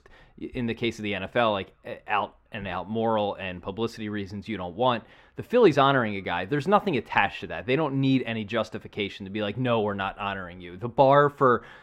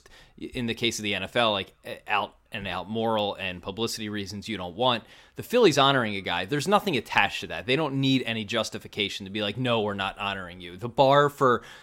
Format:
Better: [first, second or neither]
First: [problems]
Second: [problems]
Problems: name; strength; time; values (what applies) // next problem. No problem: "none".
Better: second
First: muffled; slightly; fading above 3.5 kHz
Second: none